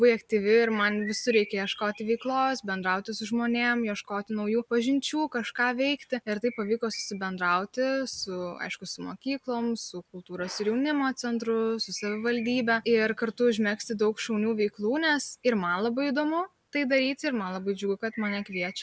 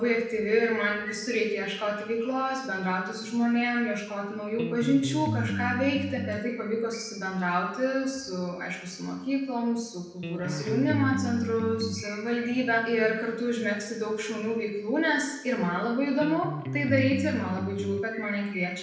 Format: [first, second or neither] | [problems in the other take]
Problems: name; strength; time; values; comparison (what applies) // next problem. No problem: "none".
first | background sound (Electric guitar); 4 dB below the speech // room echo; dies away in 0.8 s